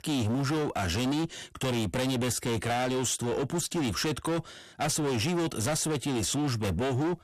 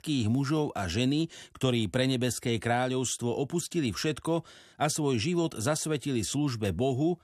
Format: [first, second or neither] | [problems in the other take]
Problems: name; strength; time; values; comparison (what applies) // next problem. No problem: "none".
second | distortion; heavy; 31% of the sound clipped